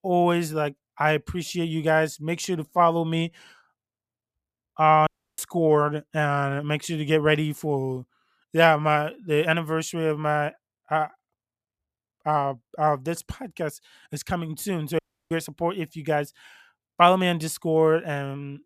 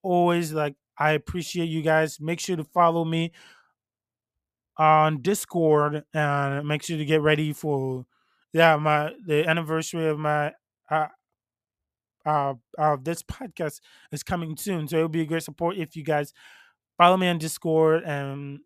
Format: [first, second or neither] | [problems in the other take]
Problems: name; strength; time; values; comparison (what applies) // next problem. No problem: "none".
second | audio cutting out; at 5 s and at 15 s